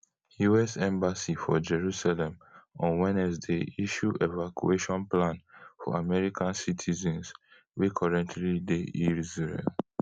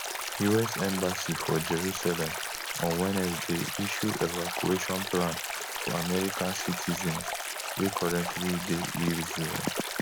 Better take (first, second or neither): first